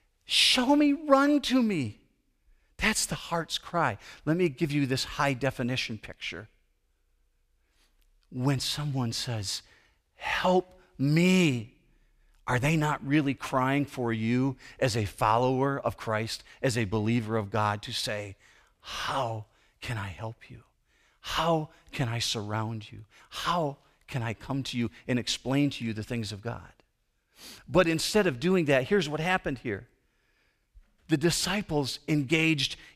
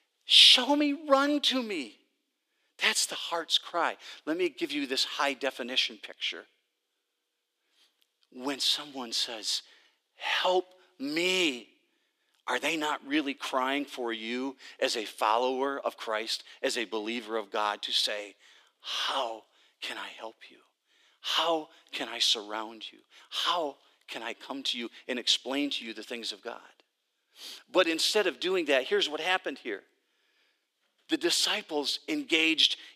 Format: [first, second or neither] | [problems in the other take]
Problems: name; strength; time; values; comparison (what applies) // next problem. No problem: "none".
first | thin; somewhat; fading below 300 Hz